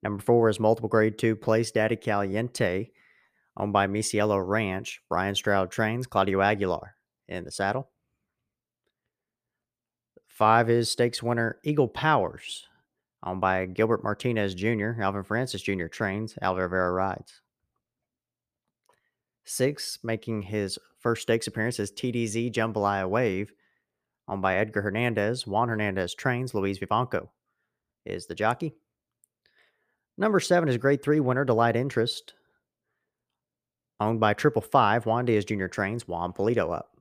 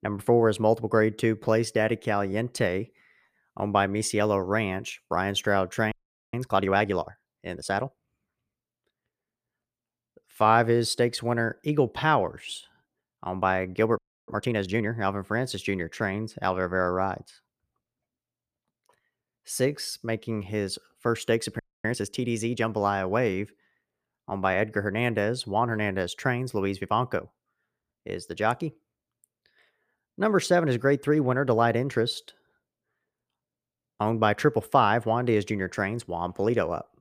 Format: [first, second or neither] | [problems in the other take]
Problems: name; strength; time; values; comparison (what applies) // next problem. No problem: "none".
first | audio freezing; at 6 s, at 14 s and at 22 s